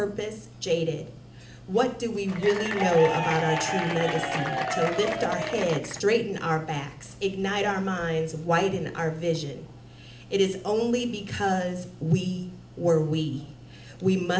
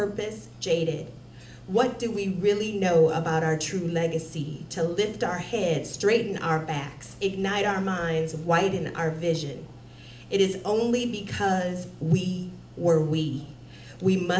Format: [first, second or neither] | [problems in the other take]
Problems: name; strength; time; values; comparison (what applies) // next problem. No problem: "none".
second | background sound (Applause / Crowd / Cheering); 3 dB below the speech